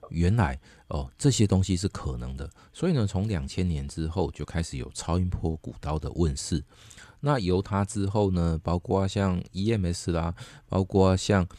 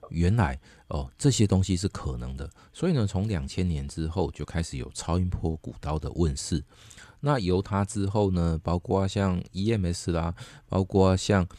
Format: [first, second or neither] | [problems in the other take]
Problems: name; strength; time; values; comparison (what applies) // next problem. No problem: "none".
neither | none